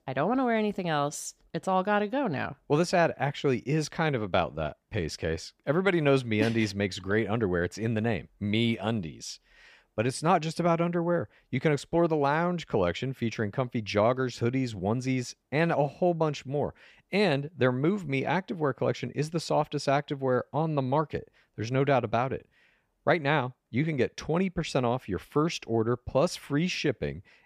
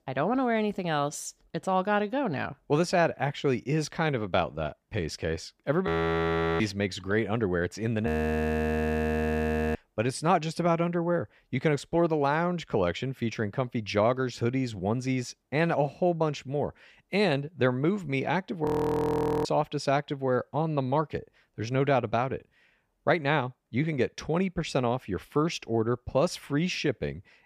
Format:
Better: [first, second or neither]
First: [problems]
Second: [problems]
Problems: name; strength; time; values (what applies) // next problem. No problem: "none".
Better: first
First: none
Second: audio freezing; at 6 s for 0.5 s, at 8 s for 1.5 s and at 19 s for 1 s